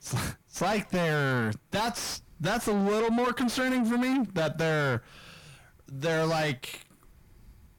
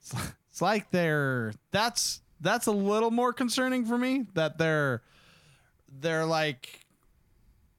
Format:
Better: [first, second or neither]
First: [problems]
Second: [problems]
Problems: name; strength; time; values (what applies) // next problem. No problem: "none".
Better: second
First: distortion; heavy; 5 dB below the speech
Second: none